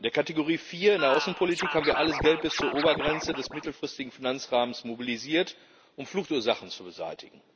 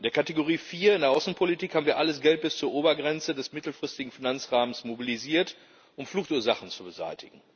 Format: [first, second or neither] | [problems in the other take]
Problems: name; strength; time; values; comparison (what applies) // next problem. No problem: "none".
second | background sound (Scratching (performance technique)); 4 dB below the speech